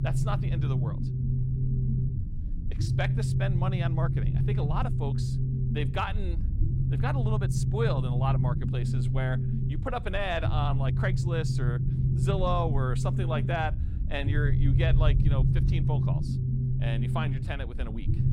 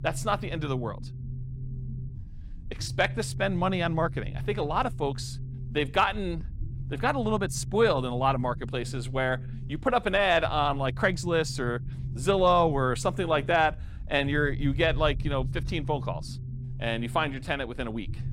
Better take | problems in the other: second | low rumble; loud; throughout; 5 dB below the speech; faint in the second

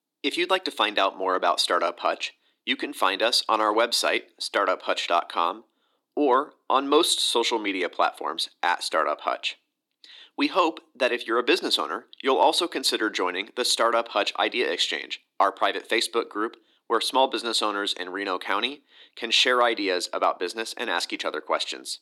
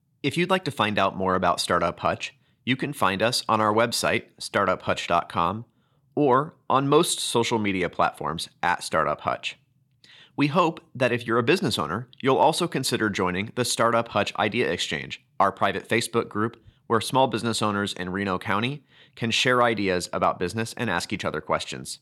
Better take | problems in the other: second | thin; somewhat; fading below 300 Hz

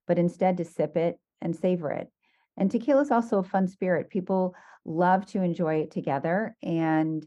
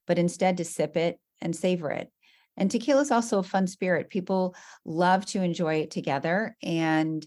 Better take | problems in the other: second | muffled; very; fading above 2.5 kHz

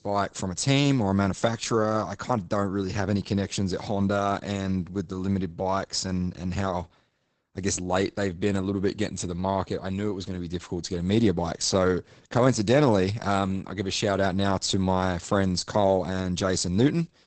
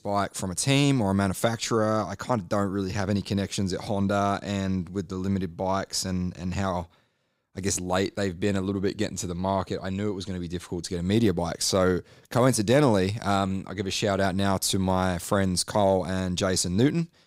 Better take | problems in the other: second | garbled, watery; badly; nothing above 8 kHz

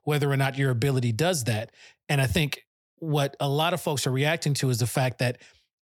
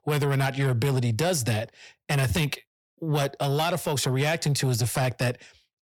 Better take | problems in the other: first | distortion; slight; 10 dB below the speech

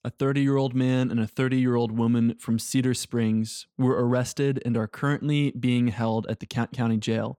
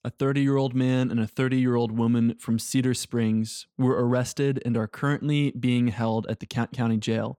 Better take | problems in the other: neither | none

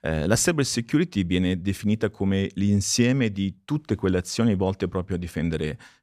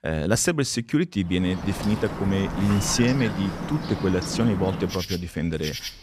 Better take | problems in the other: first | animal sounds; loud; from 1.5 s on; 7 dB below the speech

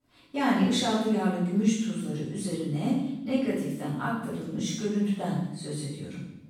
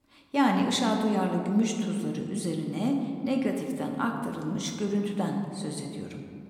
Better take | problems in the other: second | room echo; strong; dies away in 0.8 s; slight in the second // off-mic speech; far

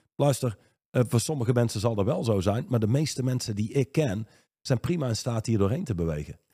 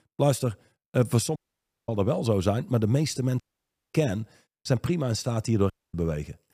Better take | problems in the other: first | audio cutting out; at 1.5 s for 0.5 s, at 3.5 s for 0.5 s and at 5.5 s

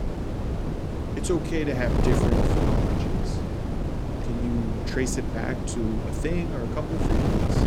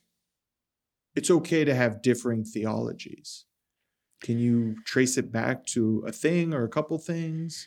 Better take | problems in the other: second | wind noise on the microphone; heavy; as loud as the speech

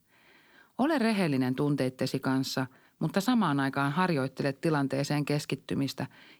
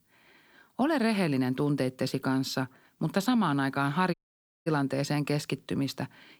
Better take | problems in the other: first | audio cutting out; at 4 s for 0.5 s

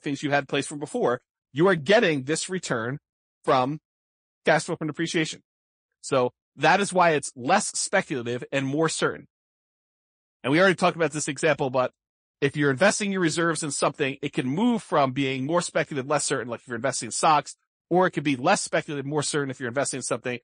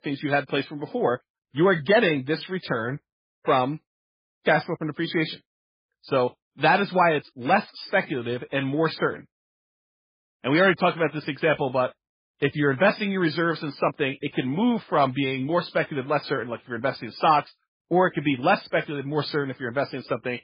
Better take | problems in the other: first | garbled, watery; badly; nothing above 5 kHz; slightly in the first

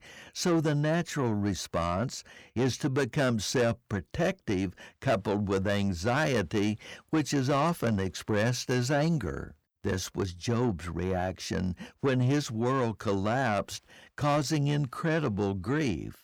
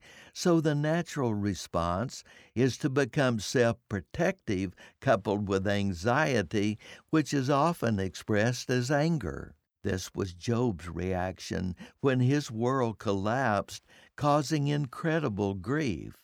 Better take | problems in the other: second | distortion; slight; 10 dB below the speech

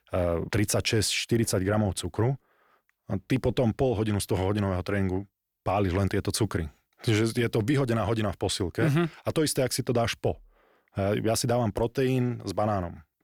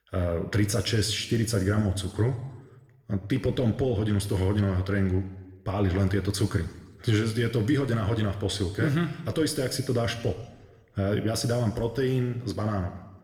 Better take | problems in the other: first | room echo; slight; dies away in 1 s

